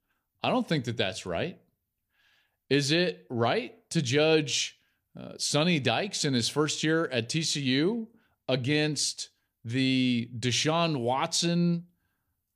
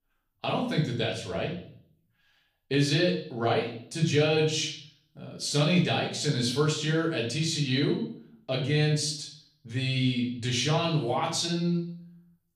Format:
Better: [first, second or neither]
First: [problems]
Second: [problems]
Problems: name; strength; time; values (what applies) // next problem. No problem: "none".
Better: first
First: none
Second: room echo; slight; dies away in 0.5 s // off-mic speech; far